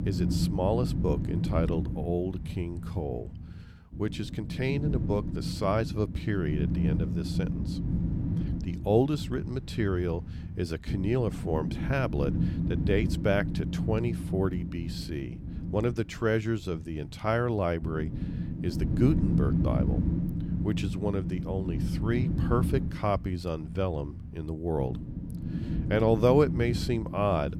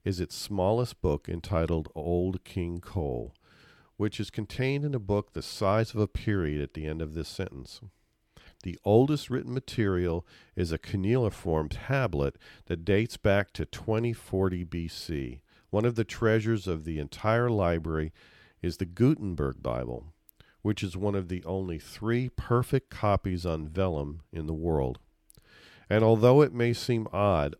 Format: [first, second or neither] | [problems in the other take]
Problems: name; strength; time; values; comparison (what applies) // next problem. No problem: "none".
second | wind noise on the microphone; heavy; 8 dB below the speech